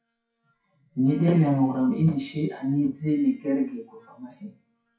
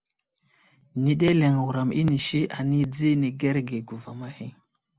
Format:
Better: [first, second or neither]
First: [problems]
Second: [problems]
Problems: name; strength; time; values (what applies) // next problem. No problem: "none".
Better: second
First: noise reduction (classical method WPE with log-MMSE)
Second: none